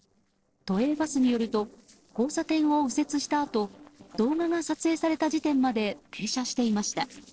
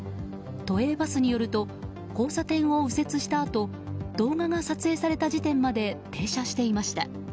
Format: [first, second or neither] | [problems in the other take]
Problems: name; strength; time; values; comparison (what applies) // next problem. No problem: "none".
second | noise reduction (neural separator model SepFormer DNS4)